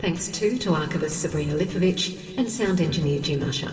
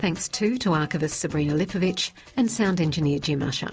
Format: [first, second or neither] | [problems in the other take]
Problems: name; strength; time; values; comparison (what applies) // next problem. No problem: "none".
second | room echo; dies away in 2.7 s